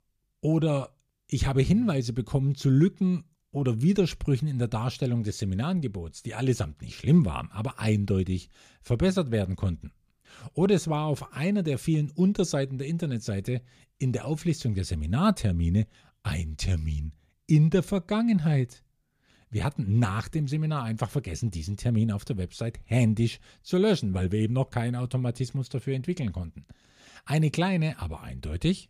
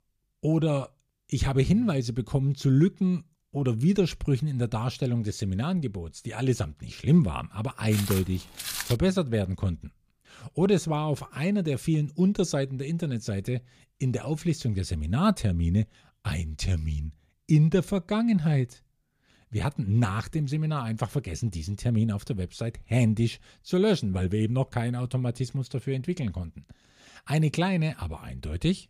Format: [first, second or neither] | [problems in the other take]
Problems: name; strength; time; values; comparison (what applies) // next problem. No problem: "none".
first | footsteps; noticeable; from 8 to 9 s; peak 4 dB below the speech